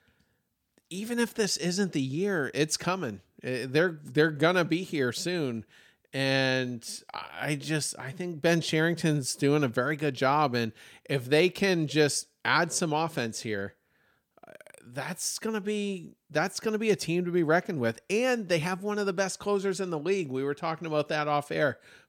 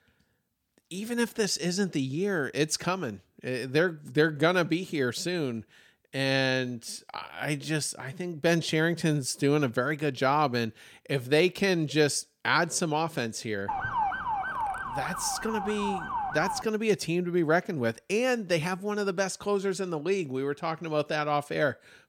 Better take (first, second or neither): first